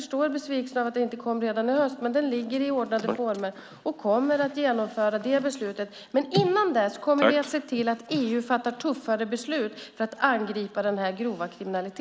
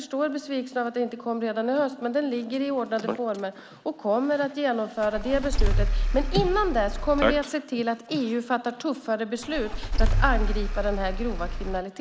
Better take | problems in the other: first | background sound (Engine starting / Car); 2 dB above the speech

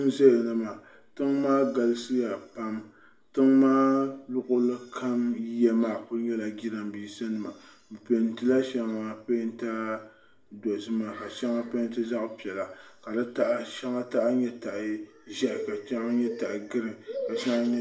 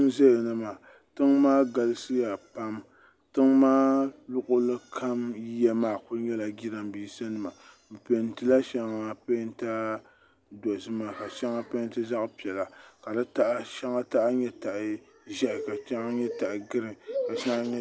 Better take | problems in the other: second | room echo; dies away in 0.4 s

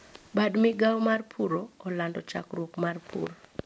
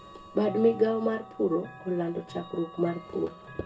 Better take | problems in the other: first | background sound (Chime / Clock); 16 dB below the speech // room echo; dies away in 0.2 s

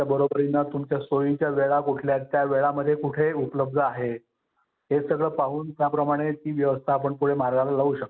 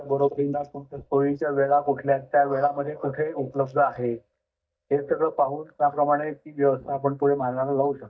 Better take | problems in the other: first | noise reduction (neural mask model DeepFilterNet 3)

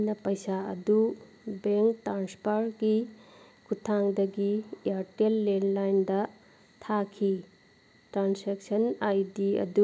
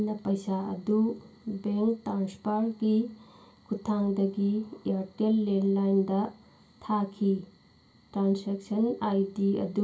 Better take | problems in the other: first | room echo; dies away in 0.2 s

